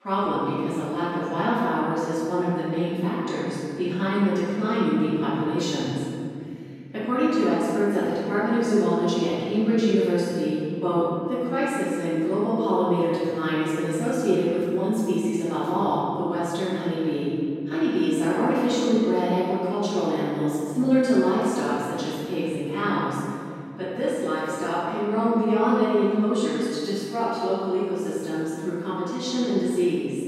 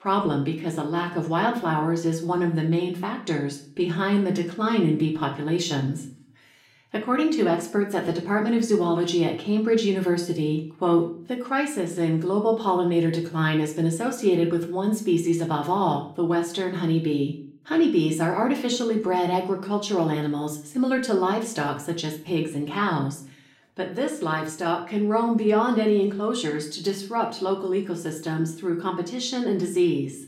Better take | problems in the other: second | room echo; strong; dies away in 2.2 s; slight in the second // off-mic speech; far; somewhat distant in the second

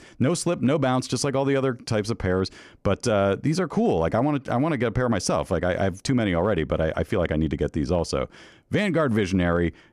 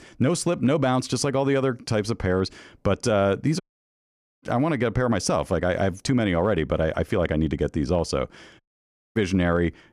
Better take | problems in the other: first | audio cutting out; at 3.5 s for 1 s and at 8.5 s for 0.5 s

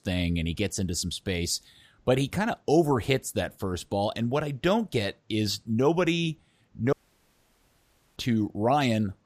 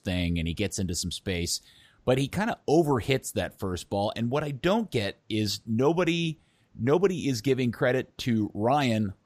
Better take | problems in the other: second | audio cutting out; at 7 s for 1 s

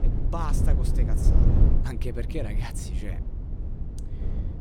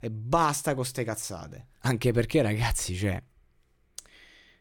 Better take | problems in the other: second | low rumble; loud; throughout; 3 dB below the speech

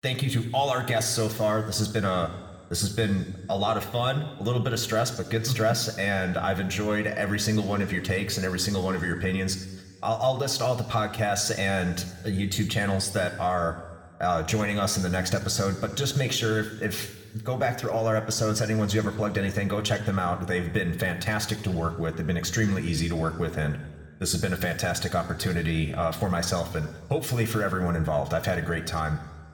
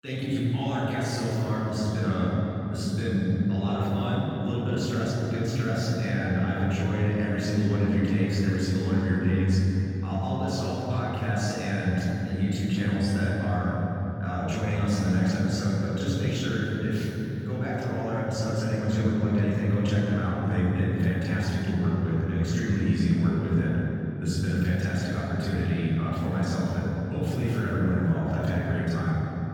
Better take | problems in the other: first | room echo; strong; dies away in 3 s; slight in the first // off-mic speech; far

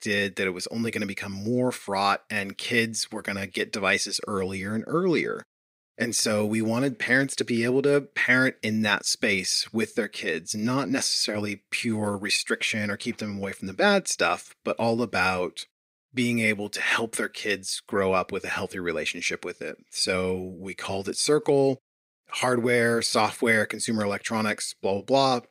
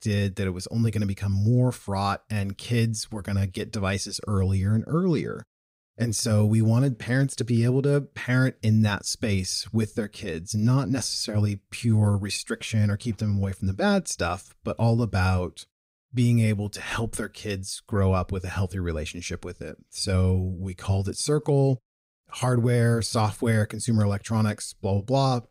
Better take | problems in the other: second | thin; somewhat; fading below 300 Hz

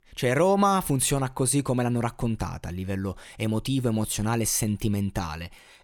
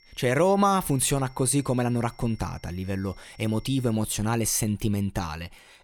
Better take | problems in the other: first | high-pitched whine; faint; until 4 s; 2 kHz, 30 dB below the speech

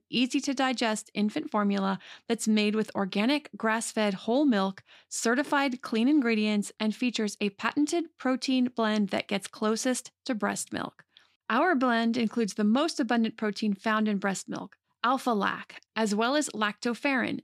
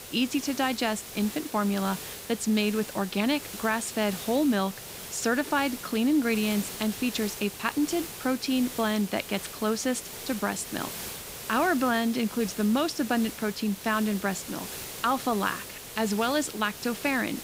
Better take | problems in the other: first | hiss; noticeable; throughout; 10 dB below the speech

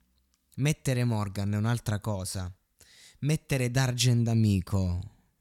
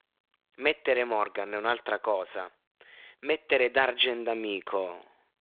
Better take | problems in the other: first | phone-call audio; nothing above 3.5 kHz

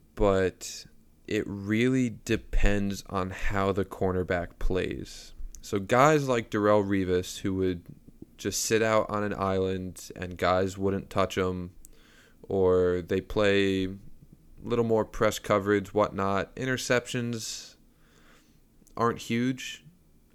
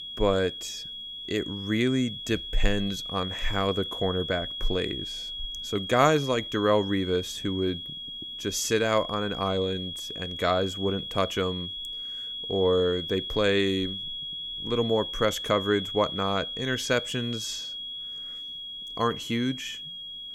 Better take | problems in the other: first | high-pitched whine; loud; throughout; 3.5 kHz, 6 dB below the speech

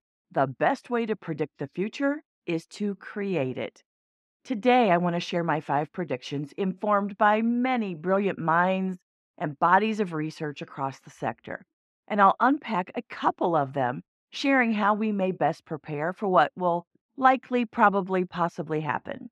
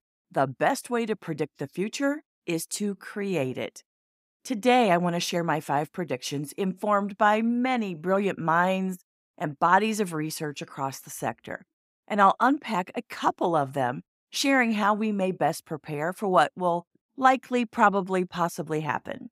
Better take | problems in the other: second | muffled; slightly; fading above 3 kHz

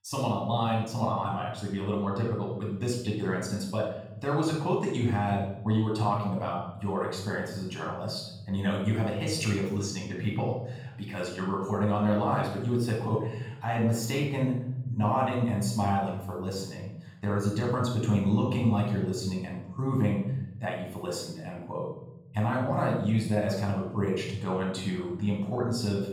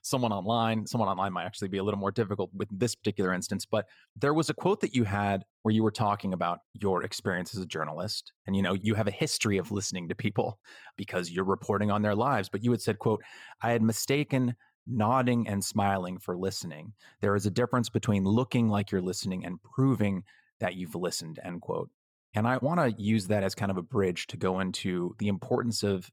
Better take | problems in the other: second | off-mic speech; far // room echo; noticeable; dies away in 1 s

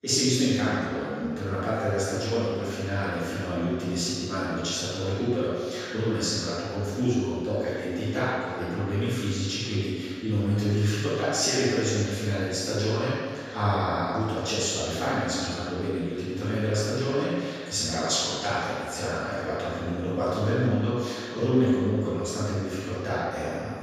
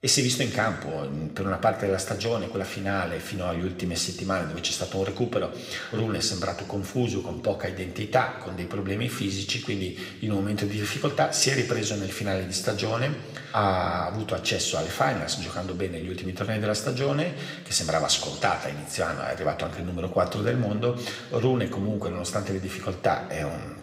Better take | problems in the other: second | room echo; strong; dies away in 1.8 s; slight in the second // off-mic speech; far

